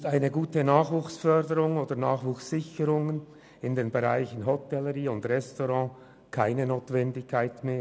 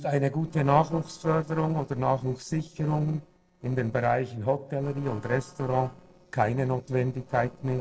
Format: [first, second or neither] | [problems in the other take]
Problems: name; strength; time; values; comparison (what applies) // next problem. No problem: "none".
first | noise reduction (neural separator model SepFormer DNS4)